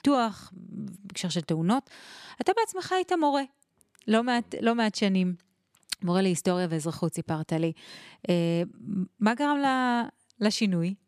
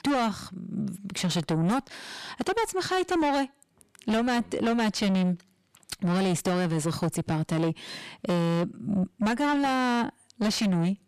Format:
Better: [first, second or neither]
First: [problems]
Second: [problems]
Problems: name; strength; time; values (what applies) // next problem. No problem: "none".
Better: first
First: none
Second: distortion; heavy; 7 dB below the speech